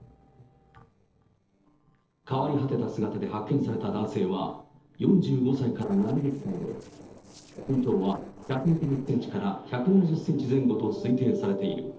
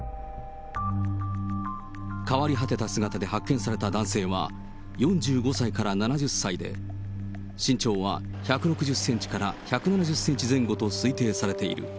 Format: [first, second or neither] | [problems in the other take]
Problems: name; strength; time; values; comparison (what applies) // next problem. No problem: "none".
second | noise reduction (neural separator model SepFormer DNS4)